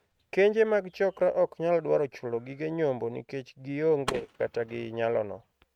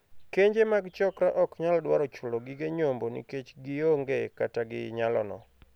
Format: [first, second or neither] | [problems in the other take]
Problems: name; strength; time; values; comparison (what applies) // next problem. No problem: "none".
second | noise reduction (neural mask model RNNoise)